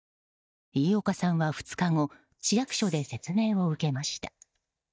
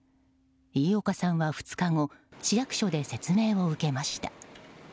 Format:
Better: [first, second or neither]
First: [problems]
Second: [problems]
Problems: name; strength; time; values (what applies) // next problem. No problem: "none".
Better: second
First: noise reduction (neural mask model DeepFilterNet 3)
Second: none